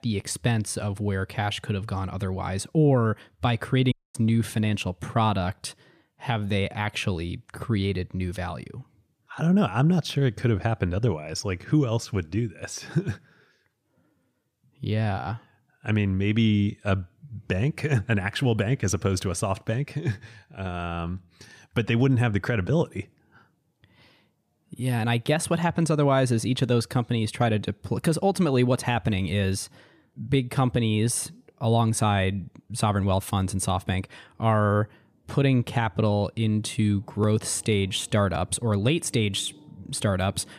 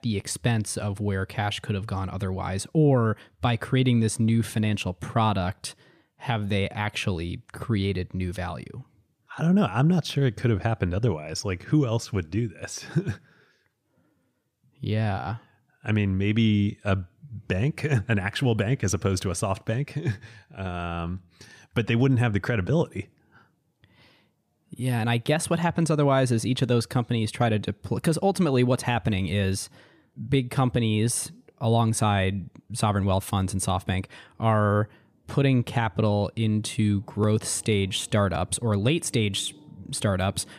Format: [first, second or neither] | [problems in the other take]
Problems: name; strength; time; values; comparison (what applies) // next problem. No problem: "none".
second | audio cutting out; at 4 s